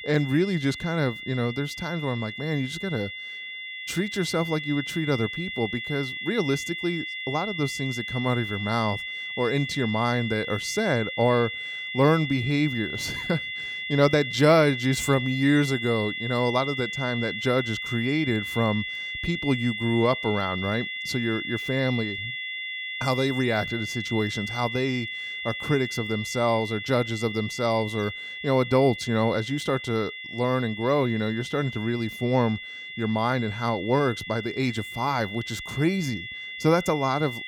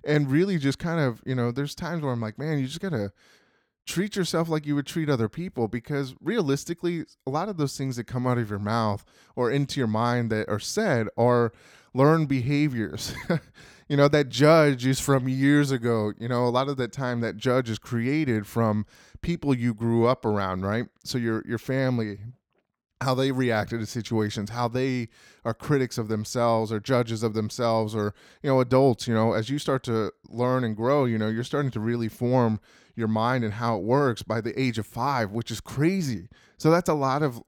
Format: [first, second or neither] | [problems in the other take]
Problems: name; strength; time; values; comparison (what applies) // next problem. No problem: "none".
second | high-pitched whine; loud; throughout; 2 kHz, 6 dB below the speech